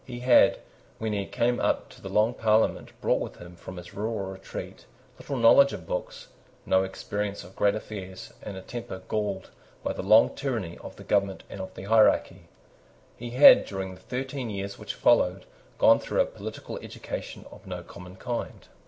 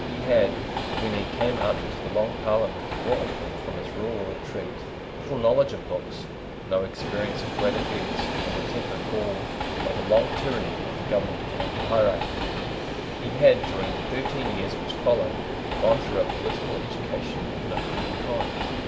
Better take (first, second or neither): first